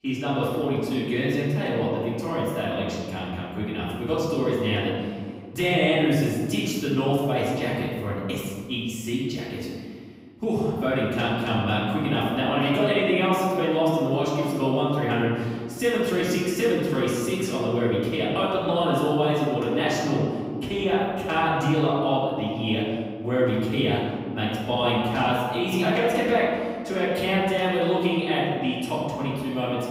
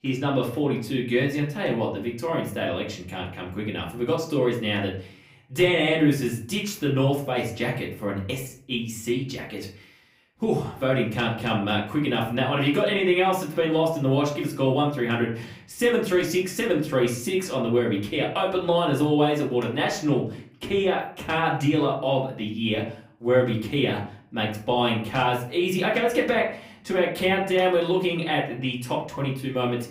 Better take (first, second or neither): second